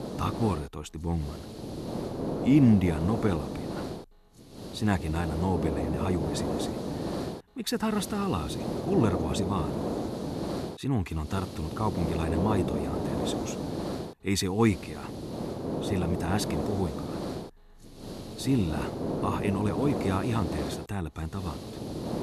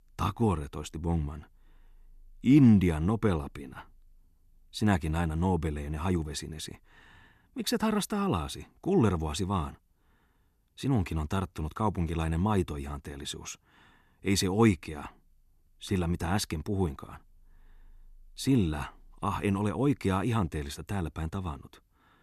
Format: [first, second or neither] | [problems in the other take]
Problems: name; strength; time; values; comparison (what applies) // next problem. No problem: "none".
second | hiss; loud; throughout; 4 dB below the speech